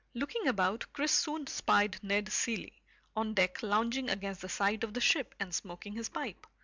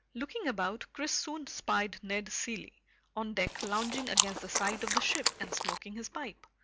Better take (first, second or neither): first